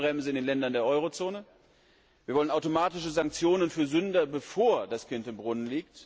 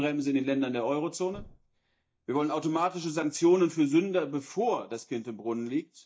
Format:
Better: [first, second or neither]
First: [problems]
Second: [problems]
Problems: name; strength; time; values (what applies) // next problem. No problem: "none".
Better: first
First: none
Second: noise reduction (neural mask model DeepFilterNet 3)